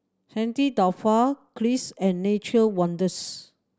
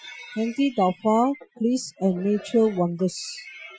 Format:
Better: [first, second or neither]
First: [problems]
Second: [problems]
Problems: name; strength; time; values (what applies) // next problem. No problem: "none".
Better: first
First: none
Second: noise reduction (classical method Wiener filter)